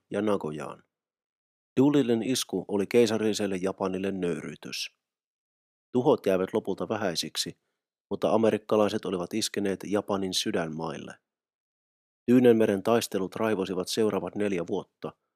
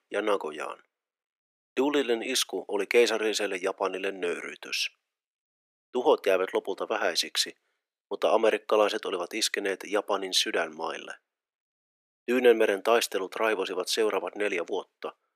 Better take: first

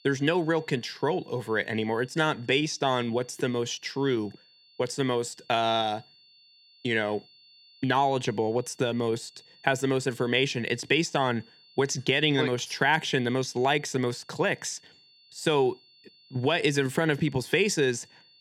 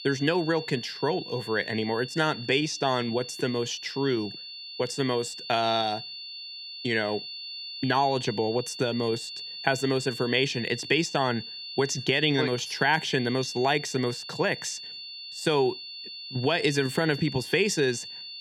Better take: first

